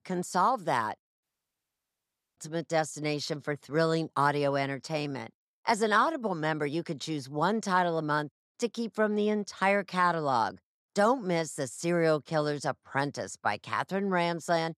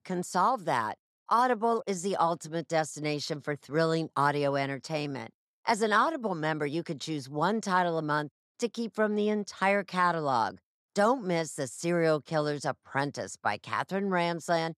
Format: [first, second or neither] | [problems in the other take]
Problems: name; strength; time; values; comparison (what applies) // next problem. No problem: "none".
second | audio cutting out; at 1 s for 1 s